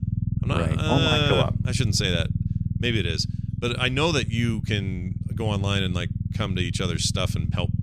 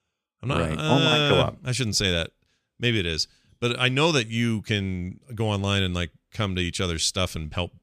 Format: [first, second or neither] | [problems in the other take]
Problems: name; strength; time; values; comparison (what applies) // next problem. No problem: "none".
second | low rumble; noticeable; throughout; 15 dB below the speech